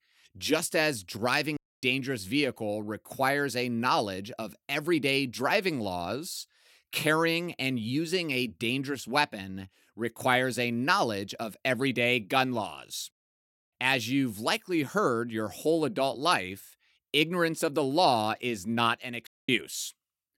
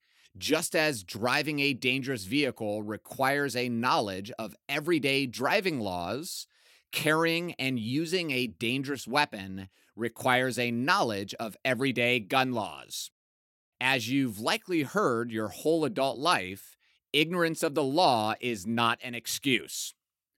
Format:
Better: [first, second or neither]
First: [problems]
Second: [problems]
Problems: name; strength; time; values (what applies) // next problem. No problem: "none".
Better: second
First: audio cutting out; at 1.5 s and at 19 s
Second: none